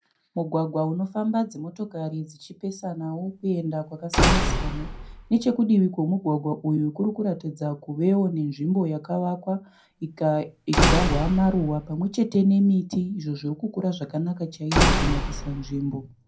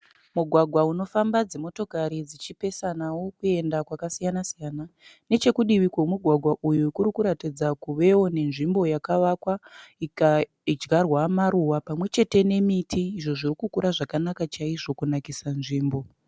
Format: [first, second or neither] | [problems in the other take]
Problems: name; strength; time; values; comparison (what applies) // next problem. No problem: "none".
second | background sound (Slam / Wood); as loud as the speech // room echo; dies away in 0.2 s